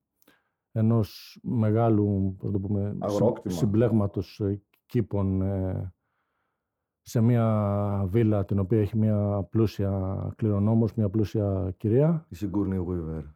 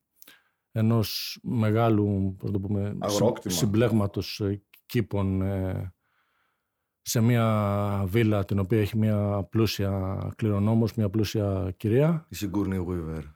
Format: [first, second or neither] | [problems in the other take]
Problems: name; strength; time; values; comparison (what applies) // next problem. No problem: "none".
second | muffled; slightly; fading above 1.5 kHz